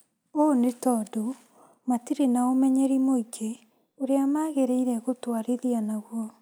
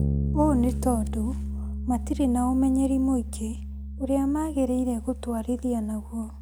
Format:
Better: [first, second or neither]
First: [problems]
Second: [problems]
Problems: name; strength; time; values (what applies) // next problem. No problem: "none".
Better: first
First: none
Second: background sound (Bass guitar); 5 dB below the speech